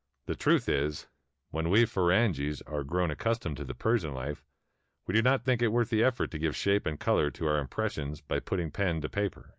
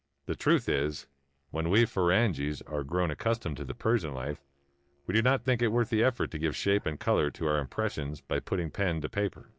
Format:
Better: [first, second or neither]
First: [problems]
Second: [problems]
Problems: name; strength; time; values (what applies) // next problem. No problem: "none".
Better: first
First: none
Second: noise reduction (neural separator model SepFormer DNS4)